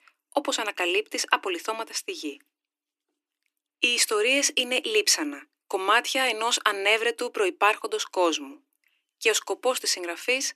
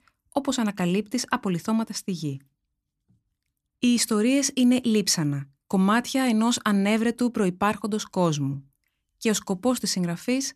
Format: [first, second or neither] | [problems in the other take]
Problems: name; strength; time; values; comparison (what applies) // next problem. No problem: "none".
second | thin; very; fading below 300 Hz